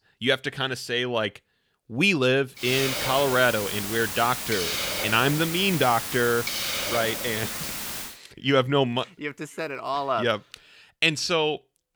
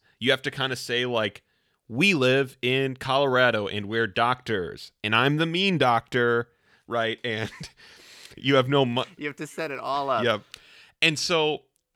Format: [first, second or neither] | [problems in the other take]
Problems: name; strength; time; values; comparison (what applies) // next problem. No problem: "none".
second | hiss; loud; from 2.5 to 8 s; 4 dB below the speech